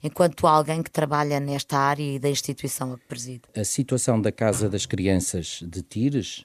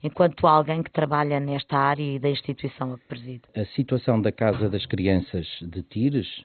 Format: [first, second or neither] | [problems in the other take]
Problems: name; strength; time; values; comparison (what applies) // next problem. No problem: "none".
first | garbled, watery; badly; nothing above 4 kHz